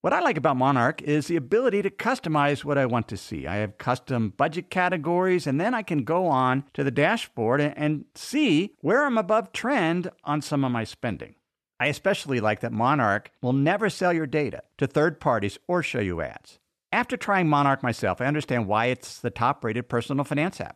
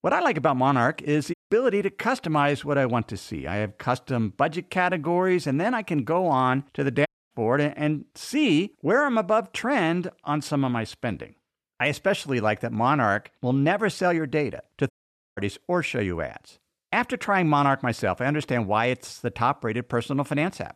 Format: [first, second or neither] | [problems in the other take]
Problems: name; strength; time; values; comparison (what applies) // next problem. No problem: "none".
first | audio cutting out; at 1.5 s, at 7 s and at 15 s